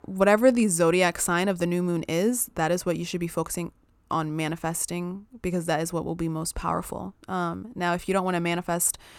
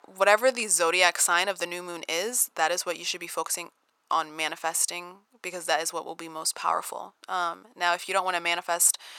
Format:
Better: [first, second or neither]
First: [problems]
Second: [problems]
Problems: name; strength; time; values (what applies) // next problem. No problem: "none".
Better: first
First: none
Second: thin; very; fading below 750 Hz